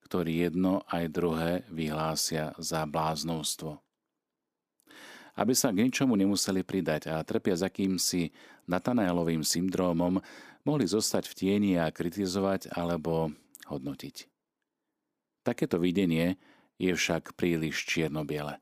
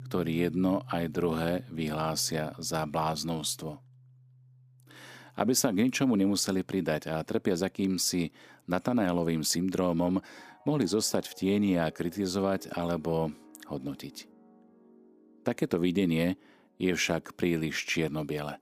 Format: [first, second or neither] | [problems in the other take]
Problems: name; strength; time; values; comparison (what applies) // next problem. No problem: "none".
first | background music; faint; throughout; 25 dB below the speech